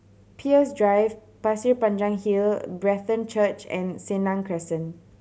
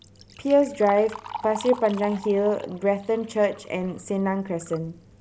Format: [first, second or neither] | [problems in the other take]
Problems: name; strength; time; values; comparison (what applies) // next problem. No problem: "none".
first | background sound (Liquid); 16 dB below the speech